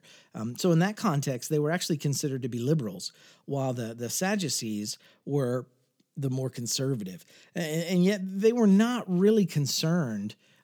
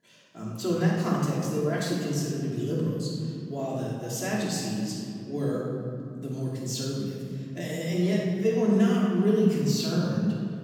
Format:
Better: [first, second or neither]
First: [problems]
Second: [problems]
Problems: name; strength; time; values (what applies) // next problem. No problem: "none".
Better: first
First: none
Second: off-mic speech; far // room echo; strong; dies away in 2.8 s